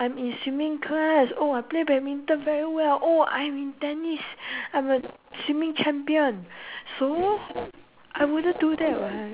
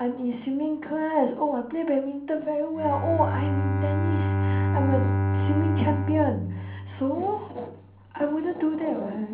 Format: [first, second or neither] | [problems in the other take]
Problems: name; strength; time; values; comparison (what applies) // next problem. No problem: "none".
first | background sound (Bowed string instrument); 1 dB below the speech // room echo; dies away in 0.6 s